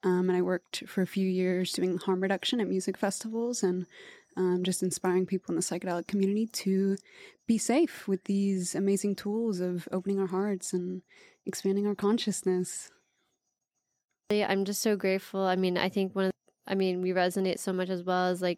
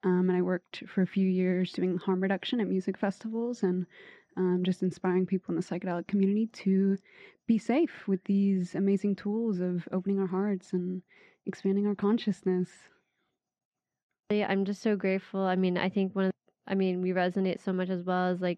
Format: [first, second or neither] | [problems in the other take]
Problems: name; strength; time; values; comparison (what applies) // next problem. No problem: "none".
first | muffled; slightly; fading above 2.5 kHz